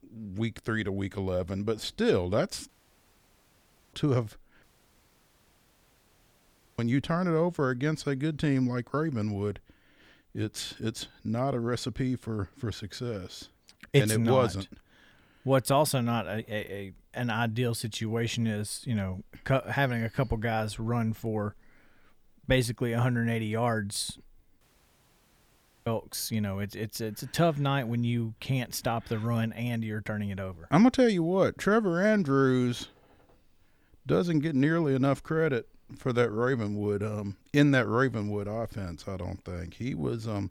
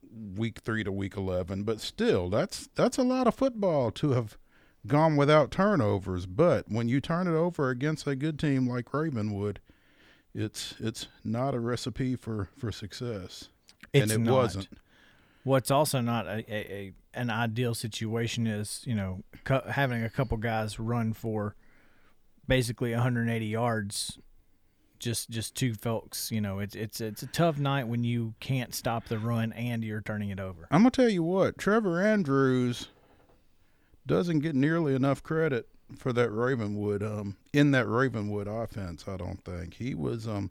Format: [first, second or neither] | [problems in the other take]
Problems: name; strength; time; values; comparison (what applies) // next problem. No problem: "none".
second | audio cutting out; at 2.5 s for 1 s, at 4.5 s for 2 s and at 25 s for 1.5 s